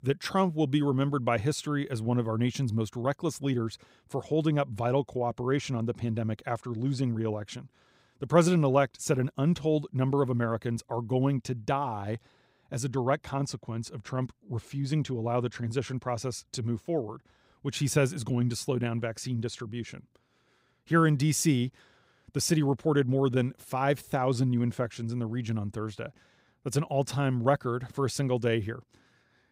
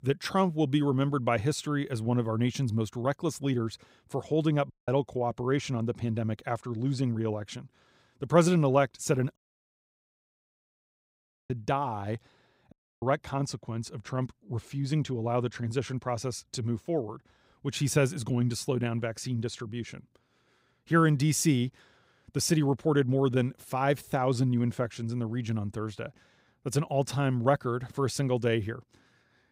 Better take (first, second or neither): first